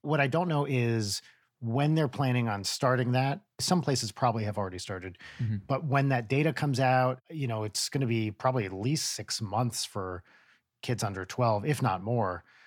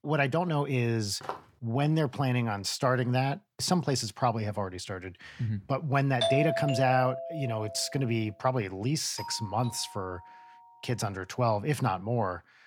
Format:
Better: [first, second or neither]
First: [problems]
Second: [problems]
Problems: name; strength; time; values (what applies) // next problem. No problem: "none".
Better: first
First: none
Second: footsteps; faint; at 1 s; peak 10 dB below the speech // doorbell; loud; from 6 to 8 s; peak 2 dB above the speech // doorbell; faint; from 9 to 11 s; peak 10 dB below the speech